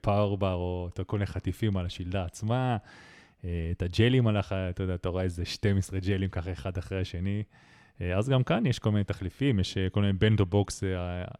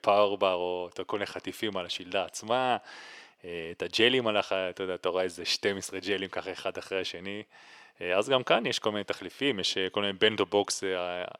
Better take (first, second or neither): first